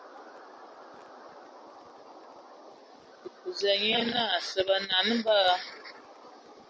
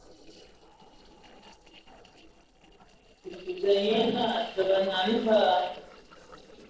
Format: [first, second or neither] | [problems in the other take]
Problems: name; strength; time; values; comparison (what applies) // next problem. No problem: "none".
first | noise reduction (neural separator model SepFormer DNS4)